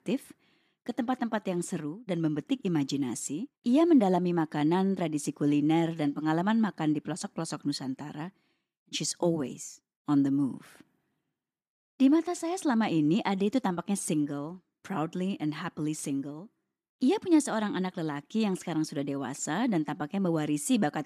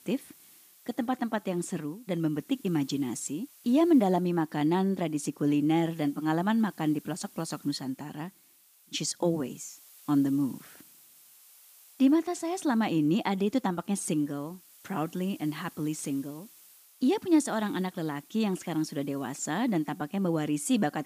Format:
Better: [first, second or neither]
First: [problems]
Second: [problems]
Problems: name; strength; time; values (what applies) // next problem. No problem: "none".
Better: first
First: none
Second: hiss; faint; throughout; 25 dB below the speech